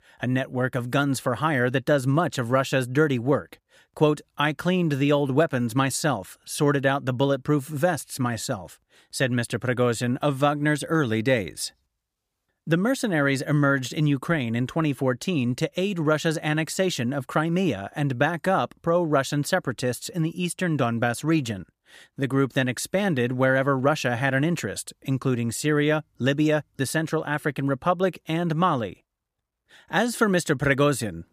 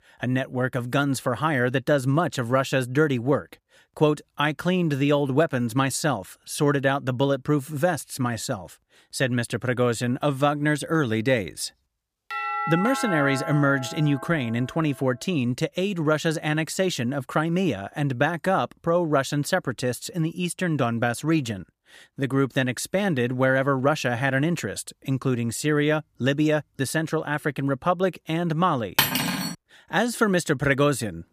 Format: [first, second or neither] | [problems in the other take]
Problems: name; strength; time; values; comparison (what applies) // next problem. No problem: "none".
first | doorbell; noticeable; from 12 to 15 s; peak 3 dB below the speech // clattering dishes; loud; at 29 s; peak 3 dB above the speech